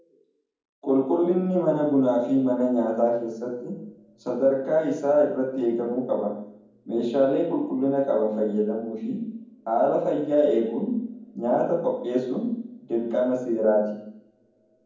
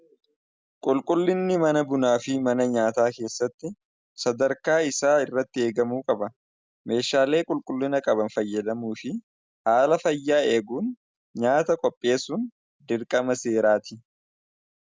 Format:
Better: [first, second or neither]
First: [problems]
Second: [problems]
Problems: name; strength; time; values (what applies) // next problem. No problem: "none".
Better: second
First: room echo; dies away in 1.2 s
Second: none